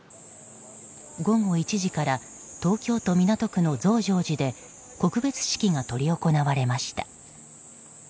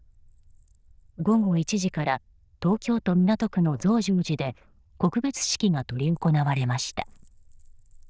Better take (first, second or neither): first